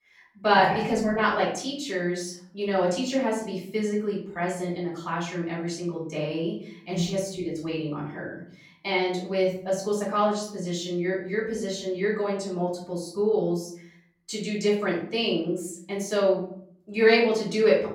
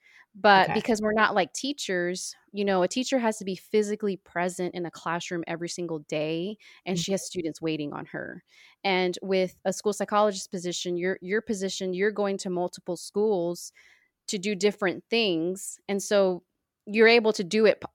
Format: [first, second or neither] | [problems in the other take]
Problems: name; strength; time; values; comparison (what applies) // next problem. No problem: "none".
second | off-mic speech; far // room echo; noticeable; dies away in 0.6 s